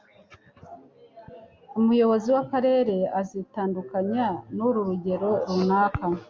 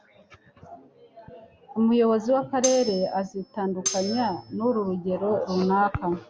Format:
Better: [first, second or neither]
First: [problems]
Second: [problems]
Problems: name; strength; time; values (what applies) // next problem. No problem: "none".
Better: first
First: none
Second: background sound (Cutlery, silverware); 9 dB below the speech